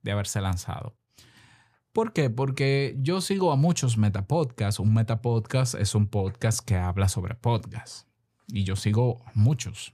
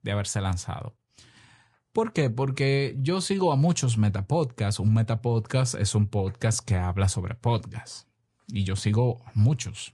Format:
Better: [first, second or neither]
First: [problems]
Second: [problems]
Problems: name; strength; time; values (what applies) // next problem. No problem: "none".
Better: first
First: none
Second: garbled, watery; slightly; nothing above 10 kHz